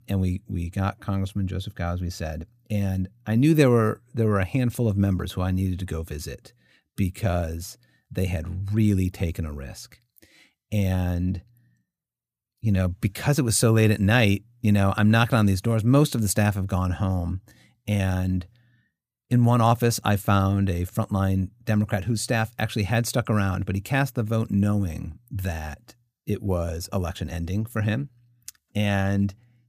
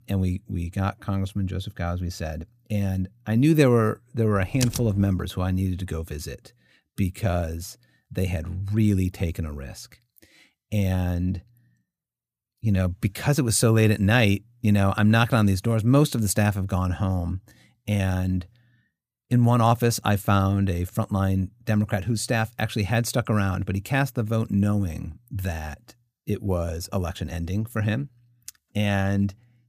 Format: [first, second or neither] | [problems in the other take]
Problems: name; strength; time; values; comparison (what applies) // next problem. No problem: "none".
first | keyboard typing; noticeable; at 4.5 s; peak 6 dB below the speech